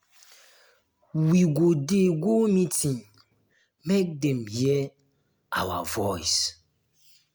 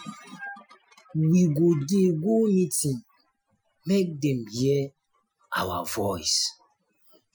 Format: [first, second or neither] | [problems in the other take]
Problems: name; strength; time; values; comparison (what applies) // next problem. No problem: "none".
first | noise reduction (classical method Wiener filter)